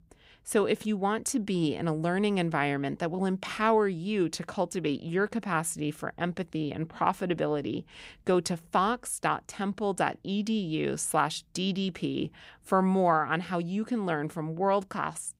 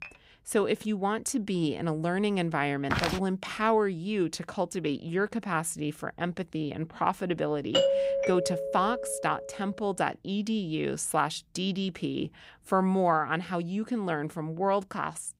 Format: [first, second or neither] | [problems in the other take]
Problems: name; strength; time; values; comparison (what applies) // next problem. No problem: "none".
first | clattering dishes; faint; at the start; peak 15 dB below the speech // footsteps; noticeable; at 3 s; peak level with the speech // doorbell; loud; from 7.5 to 9.5 s; peak 5 dB above the speech